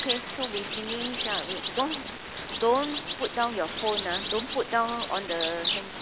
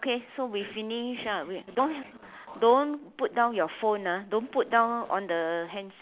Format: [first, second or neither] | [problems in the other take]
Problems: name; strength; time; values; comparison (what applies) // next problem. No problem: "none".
second | background sound (Bird vocalization, bird call, bird song); 3 dB below the speech